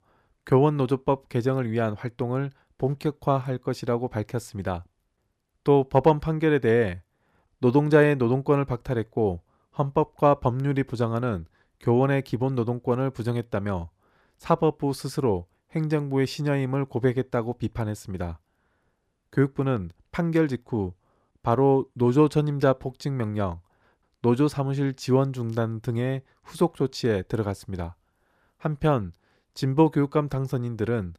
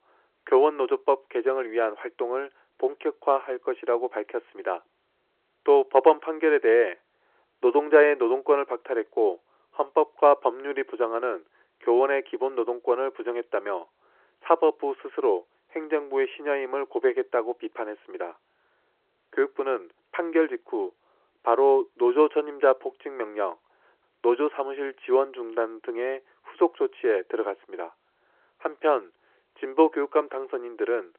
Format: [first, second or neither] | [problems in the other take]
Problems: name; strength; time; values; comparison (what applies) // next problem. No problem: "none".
first | phone-call audio